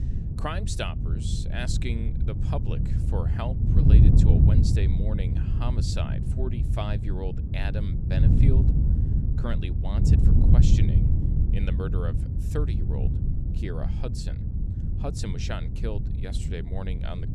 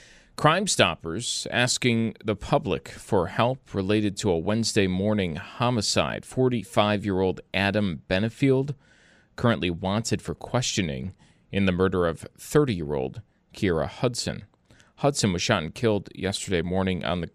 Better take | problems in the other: second | wind noise on the microphone; heavy; 1 dB below the speech

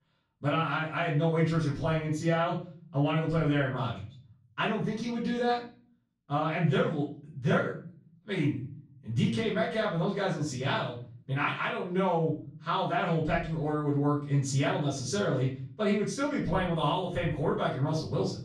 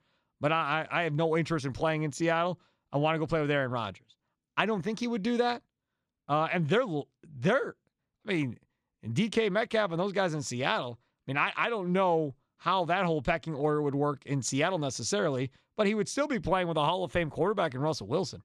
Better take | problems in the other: second | off-mic speech; far // room echo; noticeable; dies away in 0.5 s

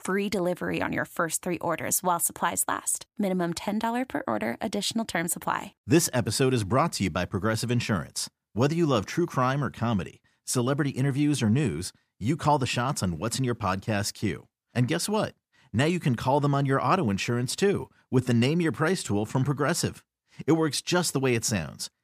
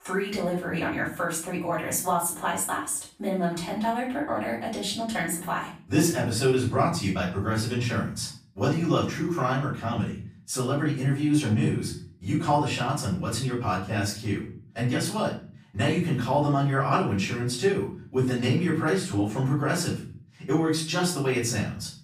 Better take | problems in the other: first | room echo; slight; dies away in 0.4 s // off-mic speech; far

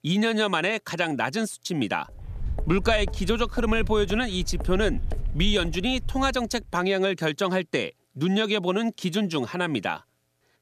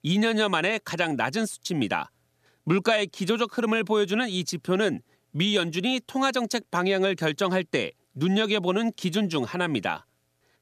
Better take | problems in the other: second | footsteps; noticeable; from 2.5 to 6.5 s; peak 7 dB below the speech

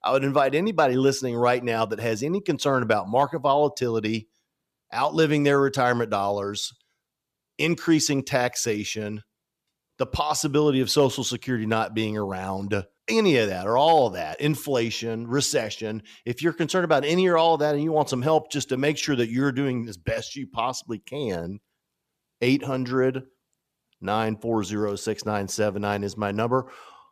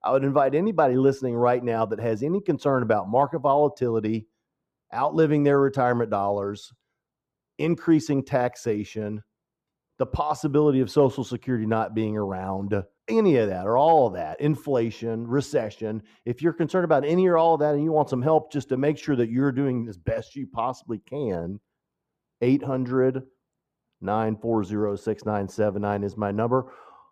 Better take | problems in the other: first | muffled; very; fading above 2 kHz

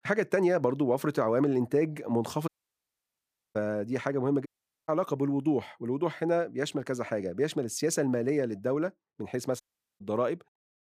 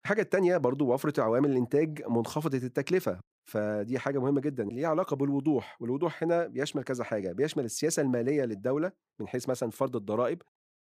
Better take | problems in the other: second | audio cutting out; at 2.5 s for 1 s, at 4.5 s and at 9.5 s

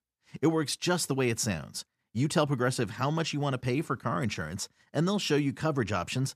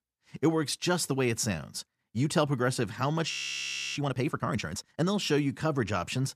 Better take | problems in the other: first | audio freezing; at 3.5 s for 0.5 s

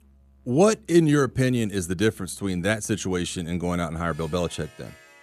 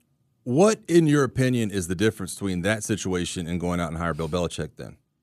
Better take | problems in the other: second | background music; faint; throughout; 30 dB below the speech

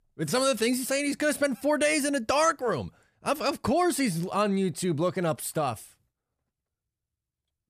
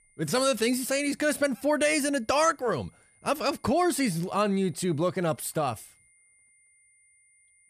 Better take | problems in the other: first | high-pitched whine; faint; throughout; 2 kHz, 35 dB below the speech

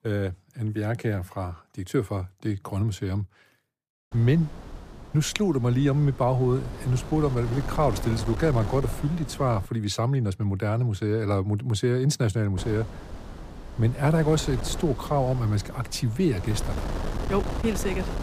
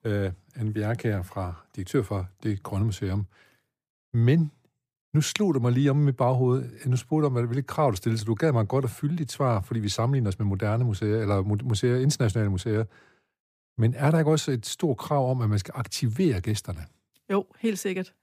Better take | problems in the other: second | wind noise on the microphone; occasional gusts; from 4 to 9.5 s and from 13 s on; 10 dB below the speech

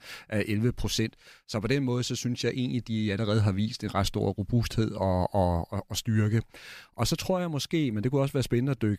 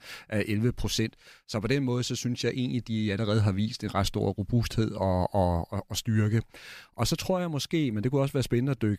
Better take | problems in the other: neither | none

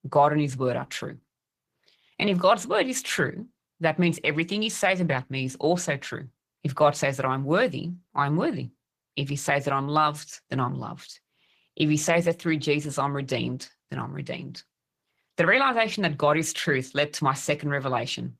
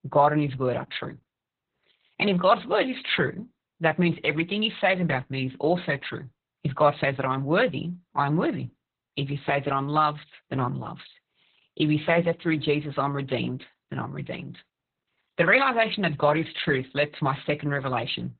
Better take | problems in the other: first | garbled, watery; badly; nothing above 4 kHz; slightly in the first

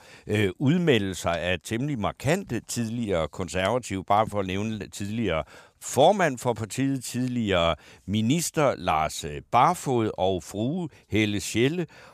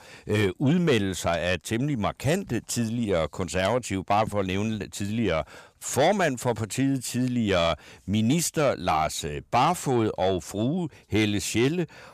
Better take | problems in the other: first | distortion; slight; 10 dB below the speech

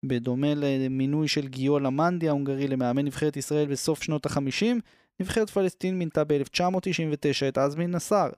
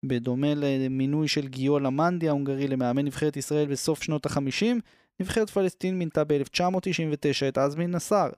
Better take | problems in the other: neither | none

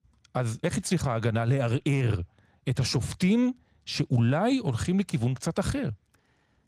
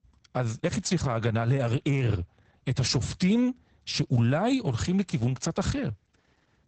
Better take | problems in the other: first | garbled, watery; badly; nothing above 8 kHz; slightly in the first

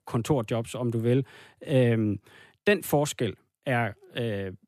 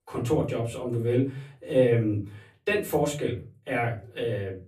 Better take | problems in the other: first | off-mic speech; far // room echo; very slight; dies away in 0.3 s

